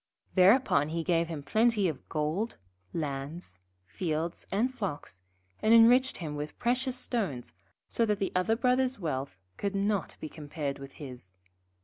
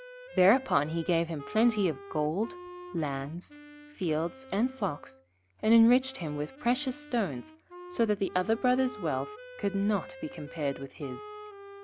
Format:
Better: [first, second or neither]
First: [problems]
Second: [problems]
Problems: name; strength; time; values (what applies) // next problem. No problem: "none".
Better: first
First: none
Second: background sound (Wind instrument, woodwind instrument); 16 dB below the speech